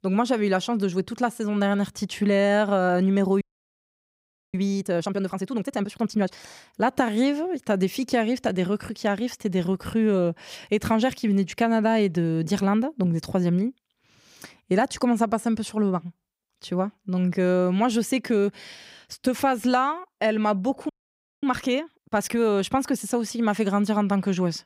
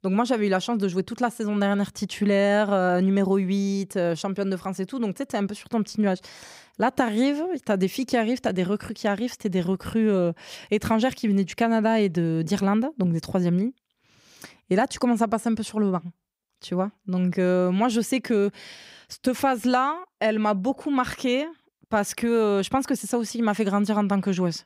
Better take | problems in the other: second | audio freezing; at 3.5 s for 1 s and at 21 s for 0.5 s

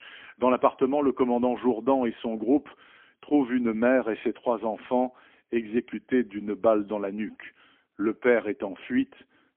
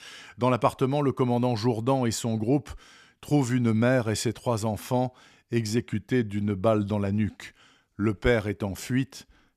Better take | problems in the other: second | phone-call audio; poor line; nothing above 3.5 kHz

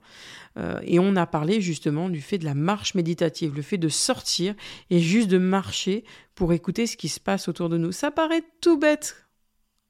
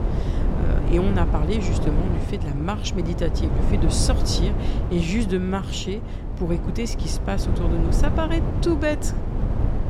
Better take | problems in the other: first | wind noise on the microphone; heavy; 5 dB below the speech

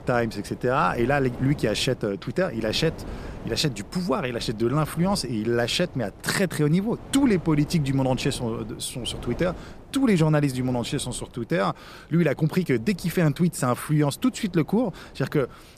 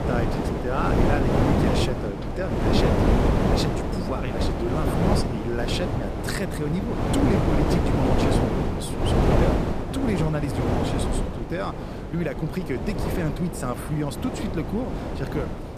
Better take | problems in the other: first | wind noise on the microphone; heavy; 3 dB above the speech; occasional gusts in the first

